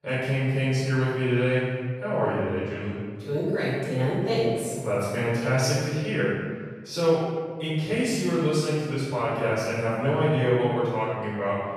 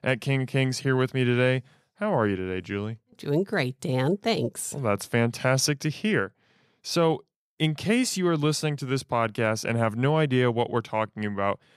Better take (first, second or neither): second